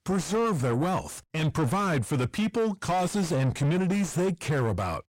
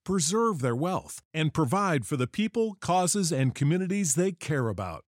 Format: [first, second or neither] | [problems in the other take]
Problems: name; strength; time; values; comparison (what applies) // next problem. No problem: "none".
second | distortion; heavy; 7 dB below the speech